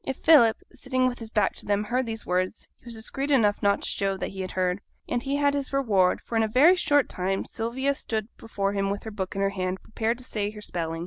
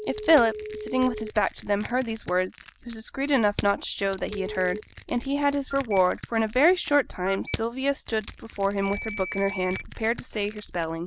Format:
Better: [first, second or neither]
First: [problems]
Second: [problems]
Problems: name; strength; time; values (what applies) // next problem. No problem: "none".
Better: first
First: none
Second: background sound (Crushing + Telephone); 13 dB below the speech